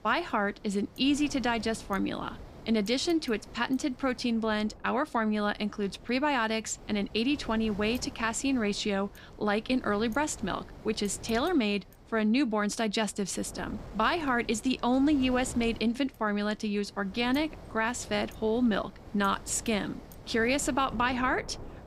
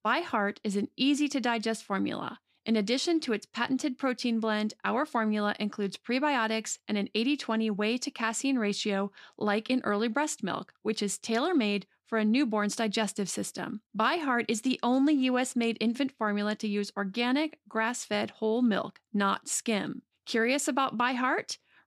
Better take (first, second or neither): second